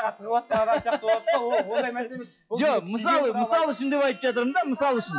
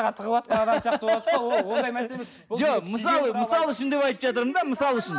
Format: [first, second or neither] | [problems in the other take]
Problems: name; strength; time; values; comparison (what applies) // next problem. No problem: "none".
second | noise reduction (classical method log-MMSE)